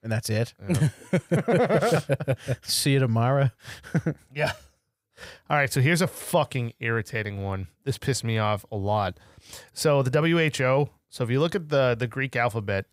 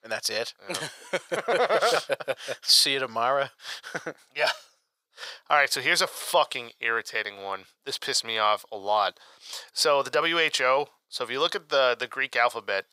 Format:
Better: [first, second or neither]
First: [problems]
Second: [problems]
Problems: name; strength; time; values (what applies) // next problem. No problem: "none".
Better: first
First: none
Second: thin; very; fading below 600 Hz